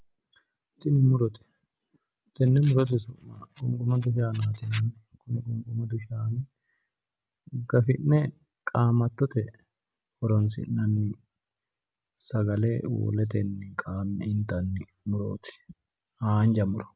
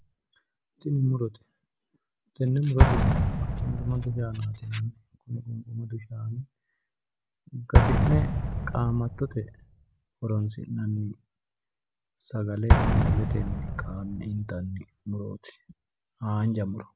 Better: first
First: none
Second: background sound (Explosion); 2 dB above the speech

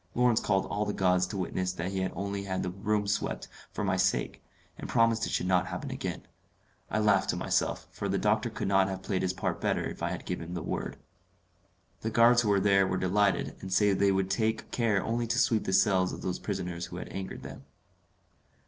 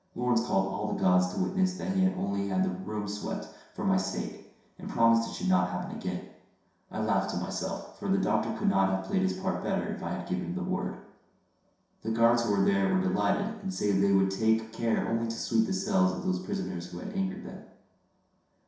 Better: first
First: none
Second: room echo; dies away in 0.7 s

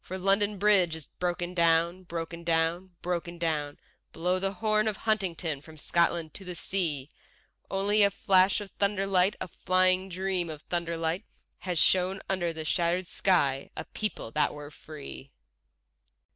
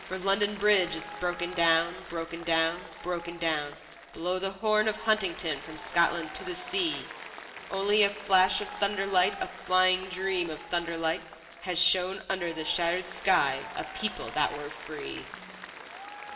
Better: first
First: none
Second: background sound (Applause); 14 dB below the speech // room echo; dies away in 1.3 s

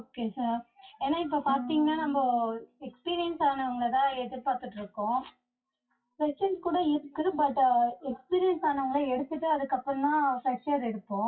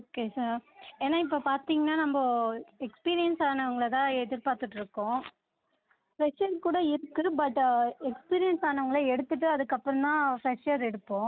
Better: second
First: noise reduction (classical method WPE with log-MMSE)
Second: none

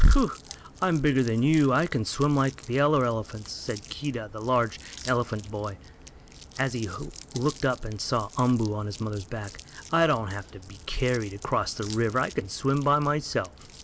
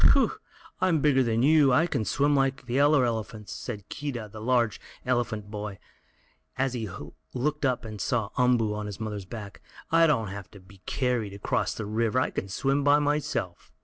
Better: second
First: background sound (Crumpling, crinkling + Crack); 19 dB below the speech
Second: none

